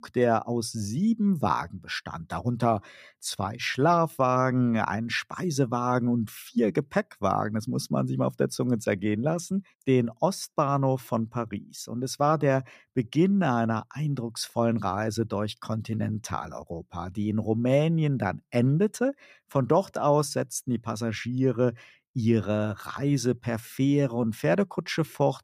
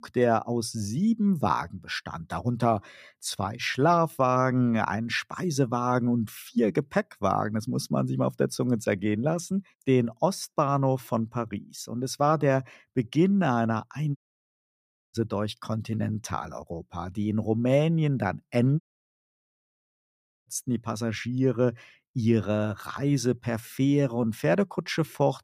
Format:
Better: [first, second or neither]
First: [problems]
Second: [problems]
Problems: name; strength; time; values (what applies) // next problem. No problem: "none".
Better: first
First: none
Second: audio cutting out; at 14 s for 1 s and at 19 s for 1.5 s